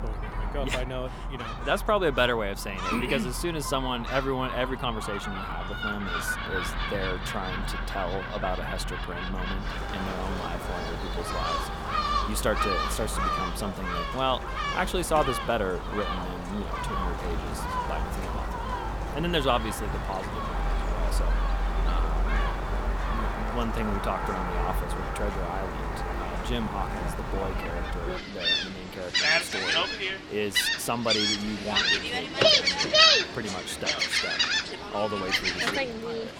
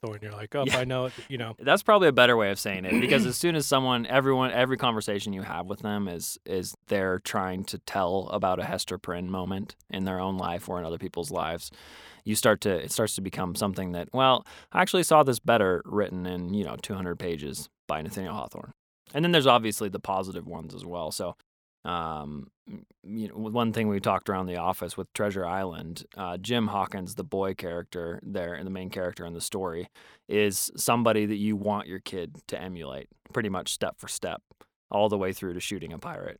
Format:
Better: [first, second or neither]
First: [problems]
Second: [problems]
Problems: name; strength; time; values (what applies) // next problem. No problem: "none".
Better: second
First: animal sounds; very loud; throughout; 4 dB above the speech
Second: none